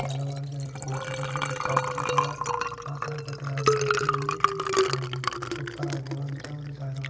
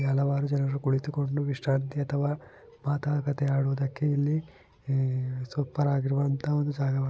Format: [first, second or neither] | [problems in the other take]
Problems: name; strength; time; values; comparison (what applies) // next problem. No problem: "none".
second | background sound (Liquid); 5 dB above the speech // room echo; dies away in 2.3 s